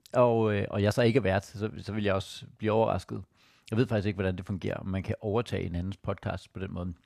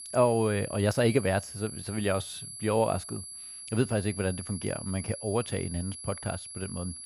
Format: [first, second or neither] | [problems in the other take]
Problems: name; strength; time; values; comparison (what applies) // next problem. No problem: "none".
first | high-pitched whine; loud; throughout; 11 kHz, 10 dB below the speech